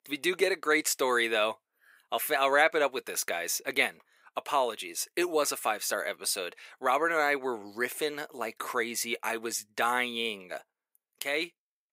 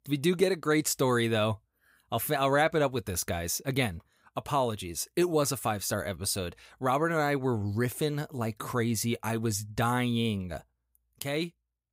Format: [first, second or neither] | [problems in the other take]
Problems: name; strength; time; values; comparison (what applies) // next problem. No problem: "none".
second | thin; very; fading below 350 Hz